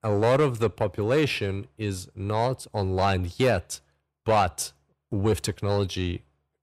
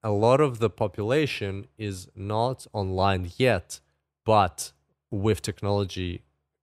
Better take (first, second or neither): second